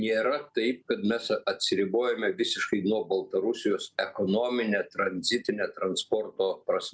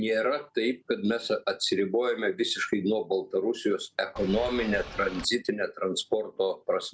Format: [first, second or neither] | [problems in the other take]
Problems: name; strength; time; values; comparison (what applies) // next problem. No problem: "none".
first | background sound (Boat, Water vehicle); 12 dB below the speech